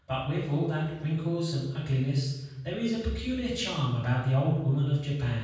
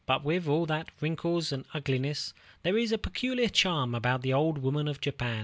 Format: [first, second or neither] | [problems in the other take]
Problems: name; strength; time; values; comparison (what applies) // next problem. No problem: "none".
second | room echo; dies away in 1.2 s